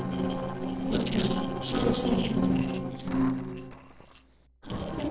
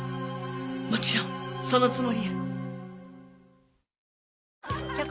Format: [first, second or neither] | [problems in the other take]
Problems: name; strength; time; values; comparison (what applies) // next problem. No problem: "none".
second | noise reduction (neural separator model SepFormer DNS4)